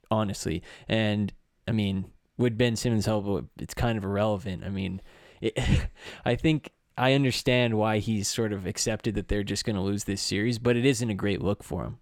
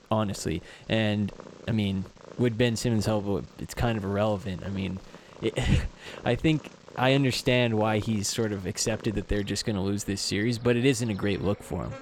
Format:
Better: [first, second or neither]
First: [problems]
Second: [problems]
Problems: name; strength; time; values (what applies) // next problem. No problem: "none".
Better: first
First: none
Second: animal sounds; faint; throughout; 20 dB below the speech